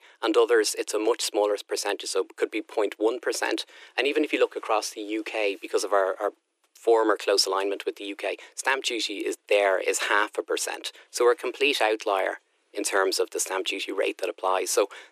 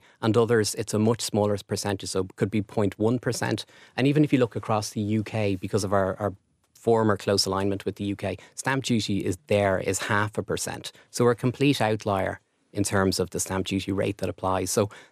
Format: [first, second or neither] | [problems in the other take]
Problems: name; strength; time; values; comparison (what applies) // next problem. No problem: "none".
second | thin; very; fading below 300 Hz